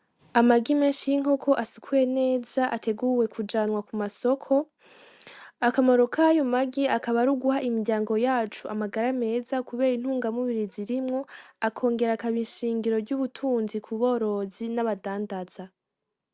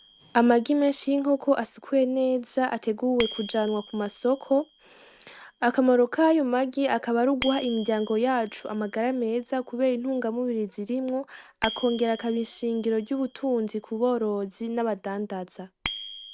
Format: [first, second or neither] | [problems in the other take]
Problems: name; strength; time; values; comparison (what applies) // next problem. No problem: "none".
first | background sound (Bicycle bell); 18 dB below the speech